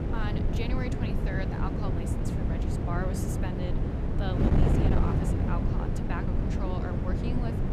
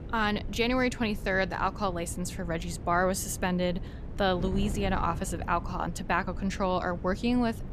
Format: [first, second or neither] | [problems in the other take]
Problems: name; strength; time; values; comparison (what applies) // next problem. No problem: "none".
second | wind noise on the microphone; heavy; 3 dB above the speech; occasional gusts in the second